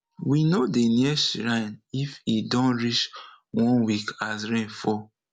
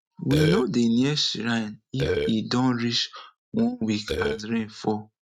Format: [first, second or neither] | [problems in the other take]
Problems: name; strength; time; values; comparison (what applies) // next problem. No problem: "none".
first | noise reduction (neural mask model RNNoise)